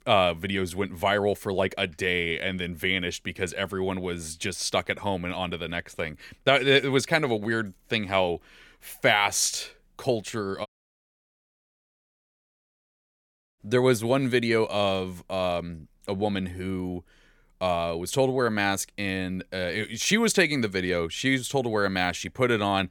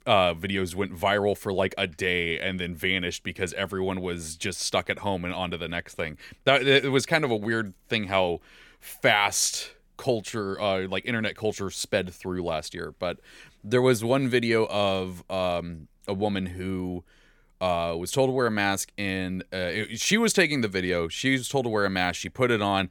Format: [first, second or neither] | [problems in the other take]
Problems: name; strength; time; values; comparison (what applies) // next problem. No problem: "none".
second | audio cutting out; at 11 s for 3 s